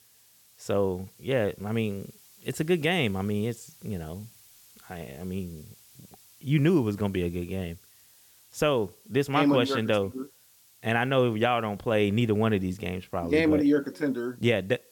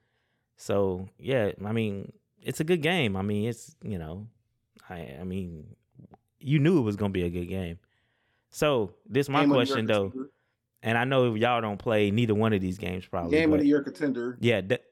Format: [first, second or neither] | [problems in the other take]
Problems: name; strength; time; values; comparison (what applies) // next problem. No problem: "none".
second | hiss; faint; throughout; 25 dB below the speech